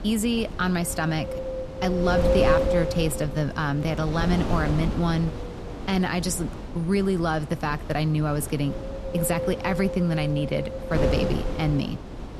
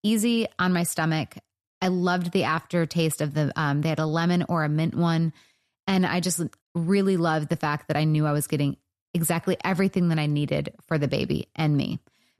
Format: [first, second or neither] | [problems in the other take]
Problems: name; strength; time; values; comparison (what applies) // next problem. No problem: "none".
second | wind noise on the microphone; heavy; 2 dB below the speech